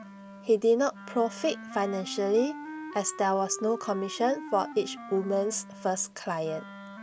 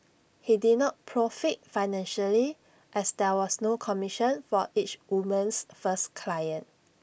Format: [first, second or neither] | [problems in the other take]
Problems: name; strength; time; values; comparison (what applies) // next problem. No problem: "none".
second | background sound (Wind instrument, woodwind instrument); 14 dB below the speech